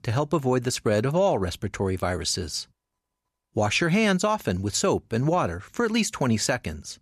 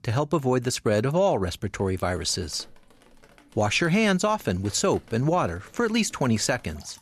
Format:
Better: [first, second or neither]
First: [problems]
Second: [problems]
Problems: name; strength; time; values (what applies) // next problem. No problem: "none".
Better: first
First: none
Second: rain or running water; faint; from 2 s on; 30 dB below the speech